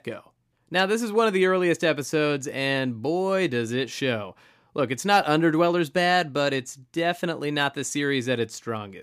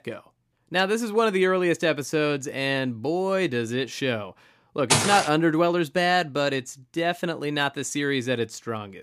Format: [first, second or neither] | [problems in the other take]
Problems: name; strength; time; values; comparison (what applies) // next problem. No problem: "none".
first | footsteps; loud; at 5 s; peak 3 dB above the speech